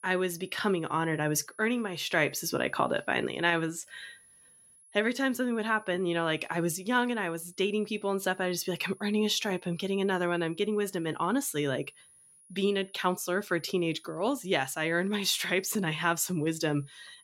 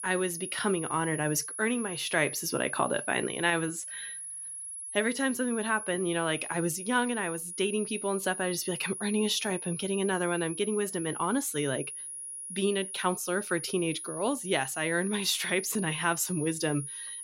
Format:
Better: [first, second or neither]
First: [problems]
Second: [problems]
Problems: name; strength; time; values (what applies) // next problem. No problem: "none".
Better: first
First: high-pitched whine; faint; throughout; 10.5 kHz, 25 dB below the speech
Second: high-pitched whine; loud; throughout; 10.5 kHz, 7 dB below the speech